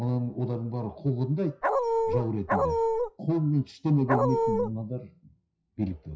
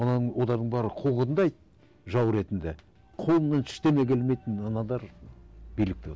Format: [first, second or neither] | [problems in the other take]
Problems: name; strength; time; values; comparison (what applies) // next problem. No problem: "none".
second | noise reduction (classical method WPE with log-MMSE)